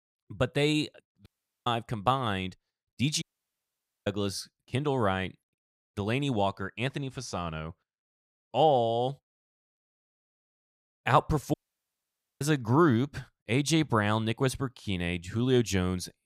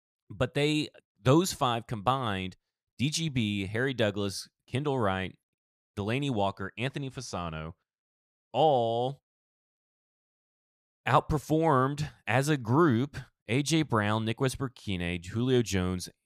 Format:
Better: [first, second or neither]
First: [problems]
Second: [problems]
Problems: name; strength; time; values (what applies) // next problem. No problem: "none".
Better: second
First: audio cutting out; at 1.5 s, at 3 s for 1 s and at 12 s for 1 s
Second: none